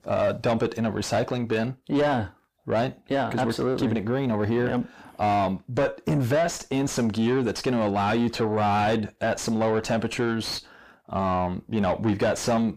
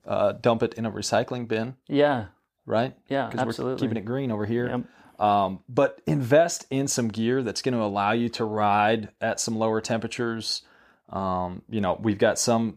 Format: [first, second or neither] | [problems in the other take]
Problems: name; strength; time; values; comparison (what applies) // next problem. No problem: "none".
second | distortion; heavy; 7 dB below the speech